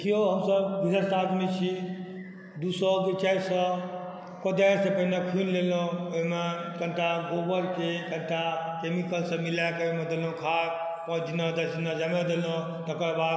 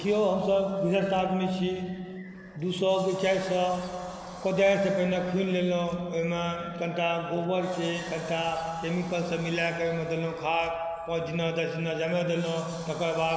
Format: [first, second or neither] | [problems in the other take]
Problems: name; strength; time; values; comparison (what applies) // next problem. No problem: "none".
first | background sound (Sliding door); 19 dB below the speech